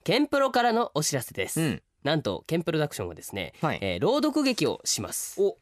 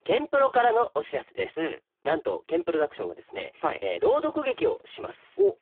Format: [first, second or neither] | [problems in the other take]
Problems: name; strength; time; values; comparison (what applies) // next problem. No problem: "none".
first | phone-call audio; poor line